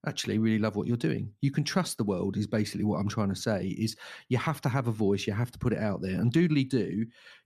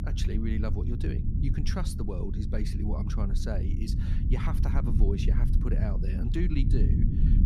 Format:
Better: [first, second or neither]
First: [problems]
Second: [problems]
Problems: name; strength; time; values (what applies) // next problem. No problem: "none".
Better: first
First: none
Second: low rumble; loud; throughout; 4 dB below the speech